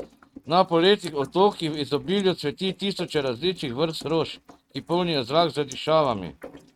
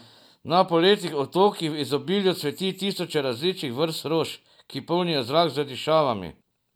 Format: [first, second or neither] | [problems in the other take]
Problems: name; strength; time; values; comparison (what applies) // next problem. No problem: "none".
second | noise reduction (neural mask model RNNoise)